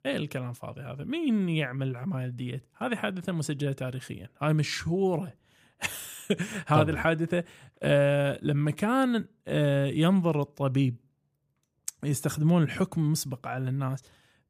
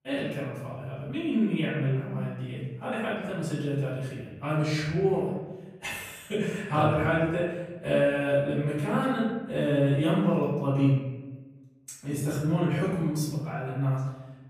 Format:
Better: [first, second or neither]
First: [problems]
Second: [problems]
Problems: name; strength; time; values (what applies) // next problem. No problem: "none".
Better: first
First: none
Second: off-mic speech; far // room echo; noticeable; dies away in 1 s